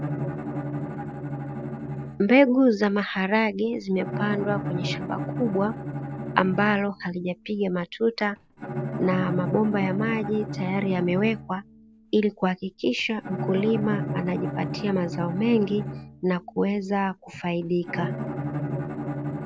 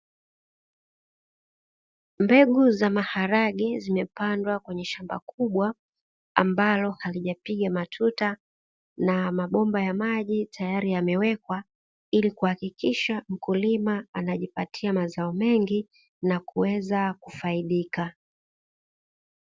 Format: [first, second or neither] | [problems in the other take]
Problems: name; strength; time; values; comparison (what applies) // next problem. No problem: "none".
second | background sound (Bowed string instrument); 7 dB below the speech